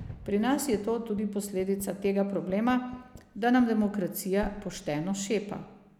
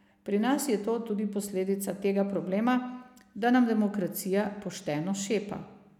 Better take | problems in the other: second | background sound (Fireworks); 19 dB below the speech

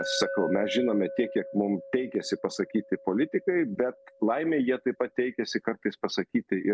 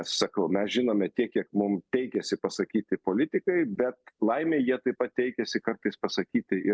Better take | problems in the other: second | background sound (Glass); 12 dB below the speech

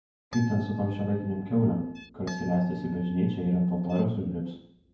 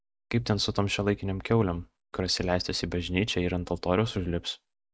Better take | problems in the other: second | background sound (Harp); 17 dB below the speech // room echo; dies away in 0.9 s

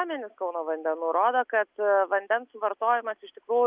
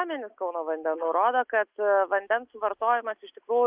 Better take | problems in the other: first | noise reduction (neural mask model Resemble Enhance denoiser)

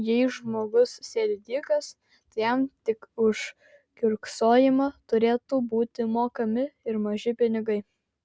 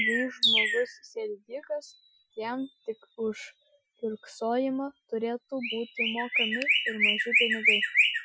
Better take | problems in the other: first | noise reduction (classical method Wiener filter)

